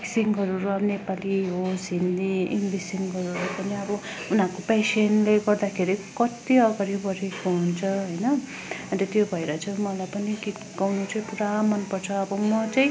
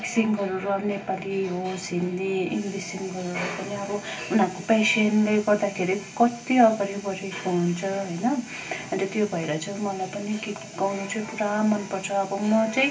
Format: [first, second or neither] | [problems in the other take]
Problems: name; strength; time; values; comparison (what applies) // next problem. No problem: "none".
first | room echo; dies away in 0.2 s